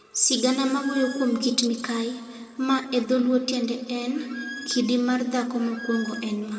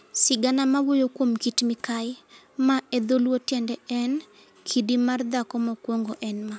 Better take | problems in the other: second | background sound (Squeak); 15 dB below the speech // room echo; dies away in 1.6 s

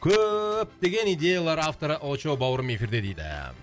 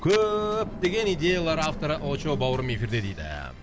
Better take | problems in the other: first | background sound (Run); 10 dB below the speech

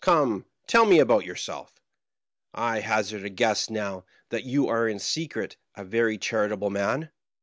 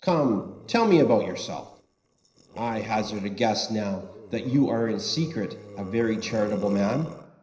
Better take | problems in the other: first | noise reduction (neural separator model SepFormer DNS4)

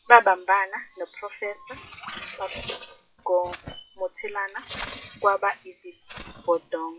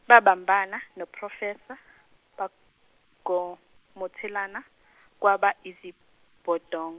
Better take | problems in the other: second | noise reduction (classical method WPE with log-MMSE)

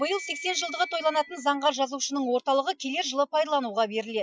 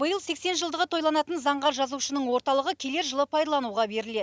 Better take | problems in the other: second | noise reduction (classical method Wiener filter)

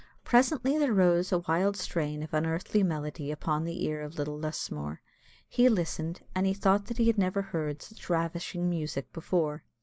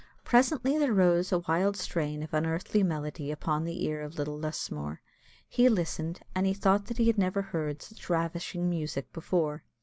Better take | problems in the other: second | noise reduction (neural mask model Resemble Enhance denoiser)

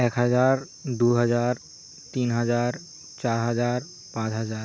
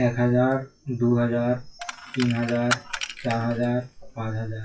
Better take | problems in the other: first | noise reduction (classical method WPE with log-MMSE)

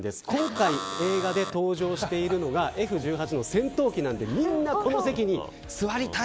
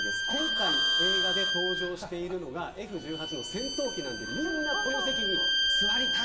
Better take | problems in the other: first | background sound (Bowed string instrument); 5 dB above the speech // room echo; dies away in 1.1 s

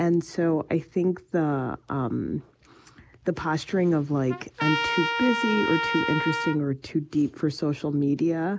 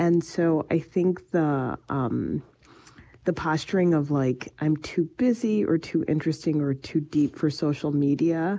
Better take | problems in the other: second | background sound (Trumpet); 4 dB below the speech

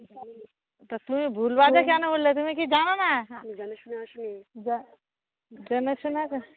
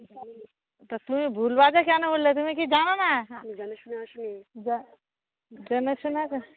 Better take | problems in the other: second | background sound (Brass instrument); 6 dB below the speech

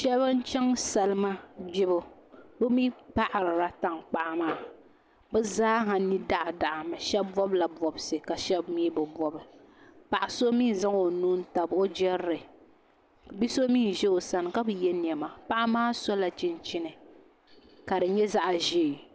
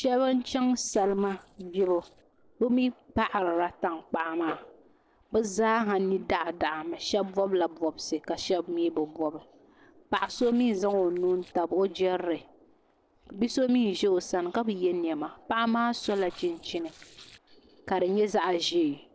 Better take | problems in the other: first | noise reduction (neural separator model SepFormer DNS4)

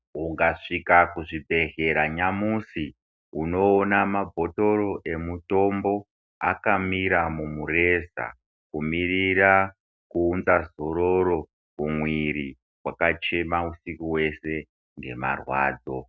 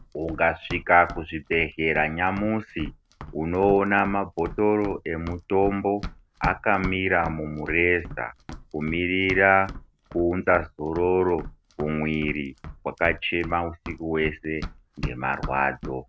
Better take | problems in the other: first | background sound (Run); 14 dB below the speech

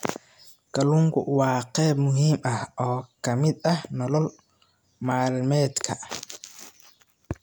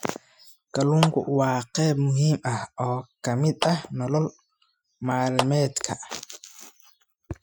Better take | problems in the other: first | noise reduction (classical method Wiener filter)

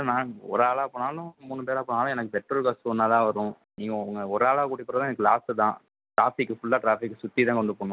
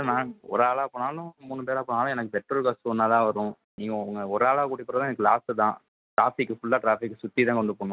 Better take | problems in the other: first | noise reduction (neural mask model RNNoise)

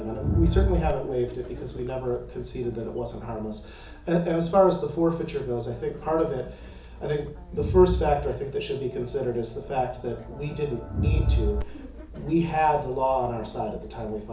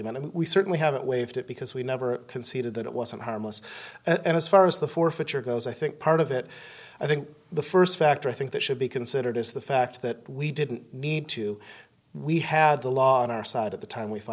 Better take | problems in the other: second | background sound (Crowd); 4 dB below the speech // room echo; dies away in 0.7 s

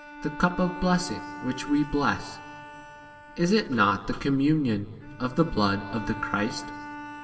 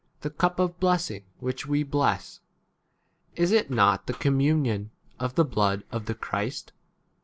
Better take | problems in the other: second | background sound (Bowed string instrument); 13 dB below the speech // room echo; dies away in 3 s

